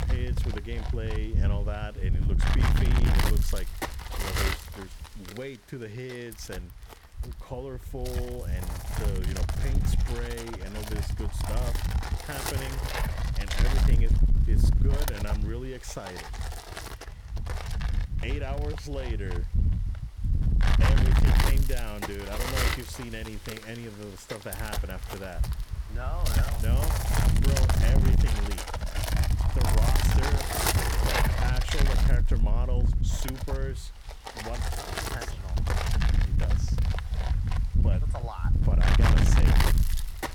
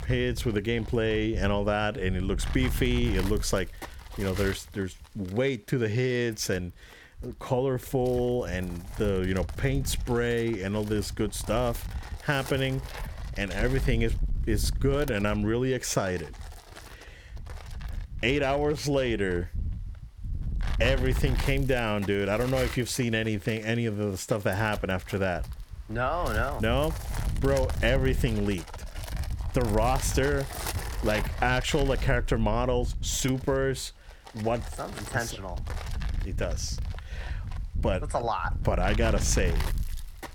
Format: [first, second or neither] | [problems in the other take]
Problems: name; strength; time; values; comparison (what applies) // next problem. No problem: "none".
second | wind noise on the microphone; heavy; 5 dB above the speech; occasional gusts in the second